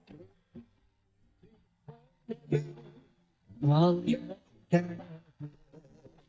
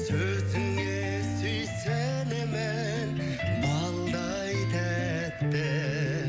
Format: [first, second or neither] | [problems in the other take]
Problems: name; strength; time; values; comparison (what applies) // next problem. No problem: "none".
second | noise reduction (neural mask model DeepFilterNet 3)